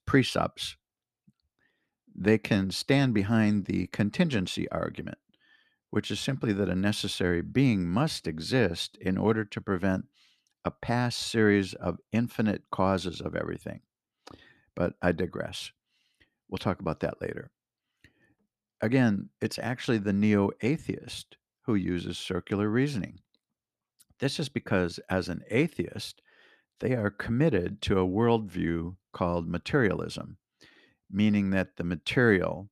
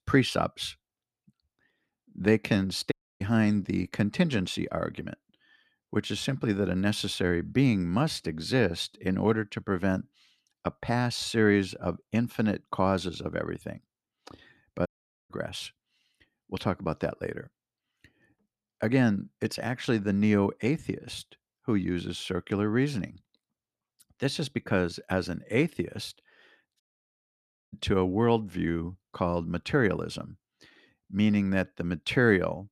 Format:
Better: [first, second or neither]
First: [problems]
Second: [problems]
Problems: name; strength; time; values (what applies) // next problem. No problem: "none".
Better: first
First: none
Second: audio cutting out; at 3 s, at 15 s and at 27 s for 1 s